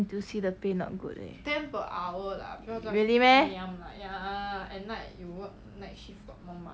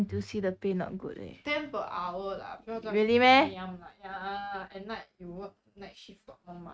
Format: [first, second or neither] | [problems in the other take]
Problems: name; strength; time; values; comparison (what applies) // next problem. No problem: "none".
first | noise reduction (neural mask model RNNoise)